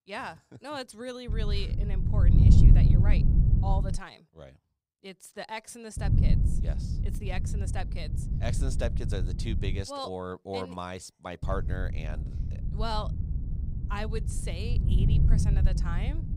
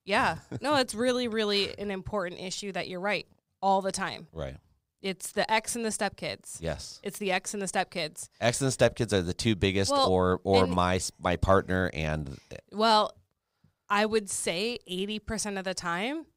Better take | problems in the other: second | wind noise on the microphone; heavy; from 1.5 to 4 s, from 6 to 10 s and from 11 s on; 3 dB below the speech

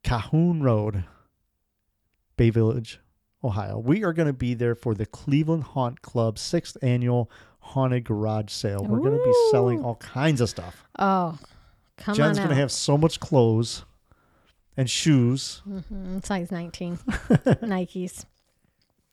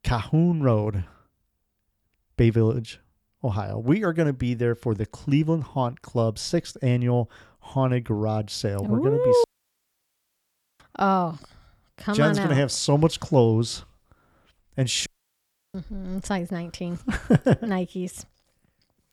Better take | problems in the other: first | audio cutting out; at 9.5 s for 1.5 s and at 15 s for 0.5 s

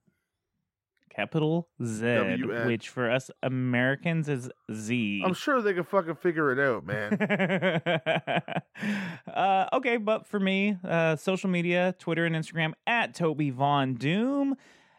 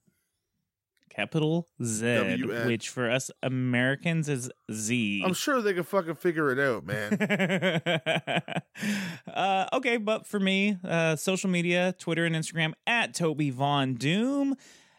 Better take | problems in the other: second | muffled; slightly; fading above 4 kHz

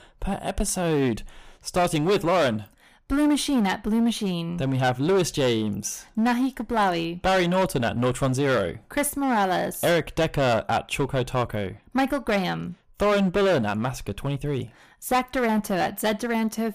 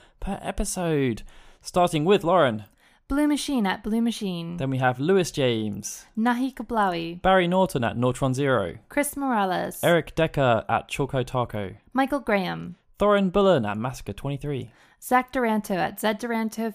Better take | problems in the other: second | distortion; heavy; 12% of the sound clipped

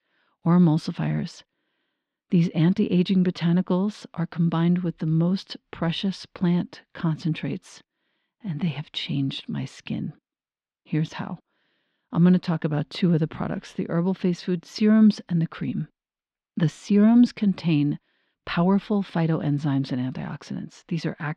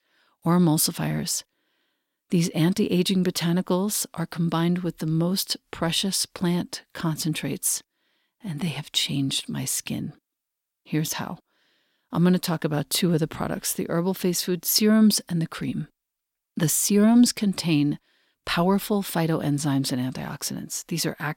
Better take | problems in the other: second | muffled; slightly; fading above 3.5 kHz

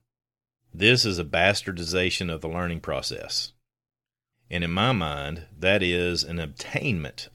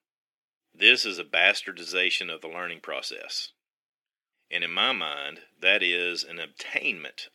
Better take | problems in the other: first | thin; somewhat; fading below 250 Hz

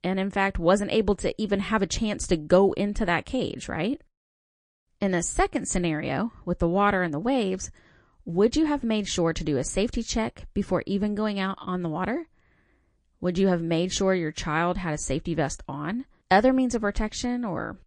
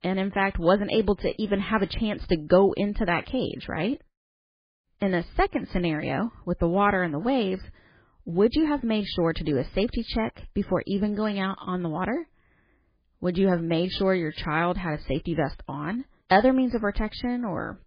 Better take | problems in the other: first | garbled, watery; badly; nothing above 4.5 kHz; slightly in the first

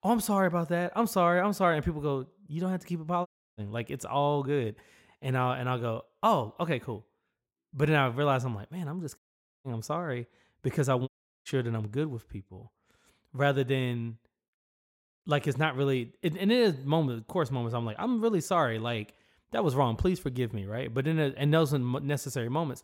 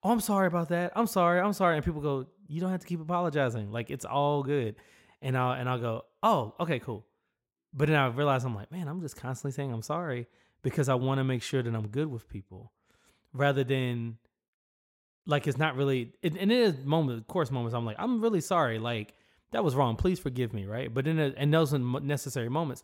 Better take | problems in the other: second | audio cutting out; at 3.5 s, at 9 s and at 11 s

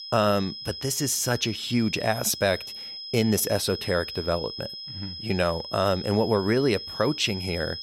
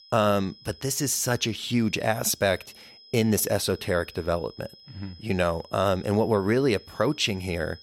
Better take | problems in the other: second | high-pitched whine; loud; throughout; 5 kHz, 9 dB below the speech; faint in the second

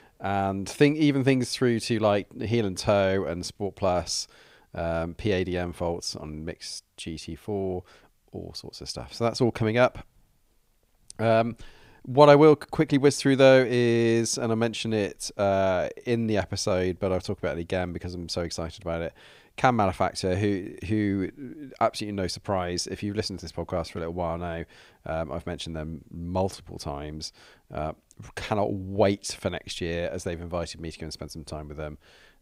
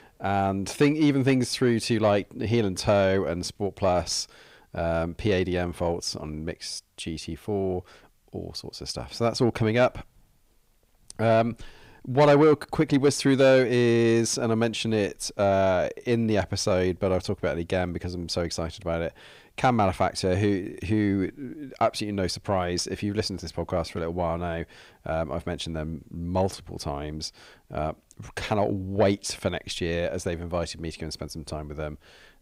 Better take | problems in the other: first | distortion; slight; 10 dB below the speech

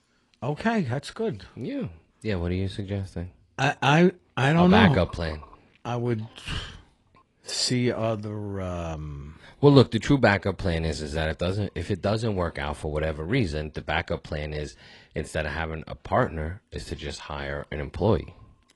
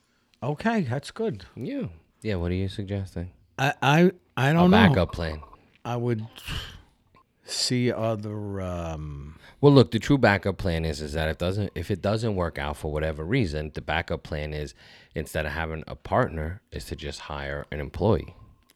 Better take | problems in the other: second | garbled, watery; slightly; nothing above 10.5 kHz

